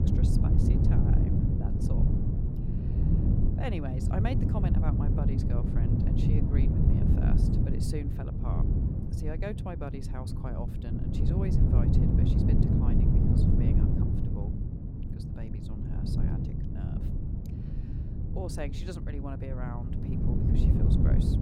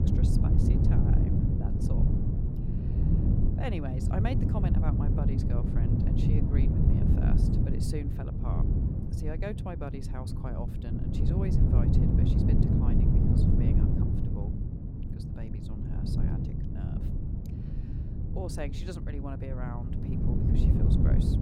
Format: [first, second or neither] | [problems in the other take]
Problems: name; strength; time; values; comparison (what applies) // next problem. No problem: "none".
neither | wind noise on the microphone; heavy; 4 dB above the speech; the same in both